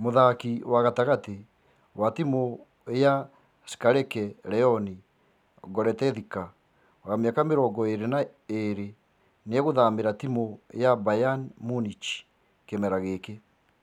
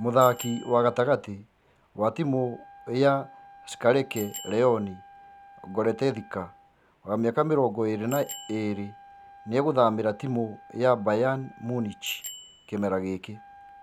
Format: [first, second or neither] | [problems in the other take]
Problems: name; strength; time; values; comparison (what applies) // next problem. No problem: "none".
first | background sound (Bicycle bell + Wind instrument, woodwind instrument); 20 dB below the speech